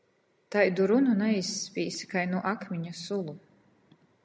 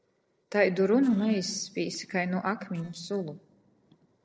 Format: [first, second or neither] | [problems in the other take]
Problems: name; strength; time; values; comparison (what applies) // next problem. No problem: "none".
first | noise reduction (neural separator model SepFormer DNS4)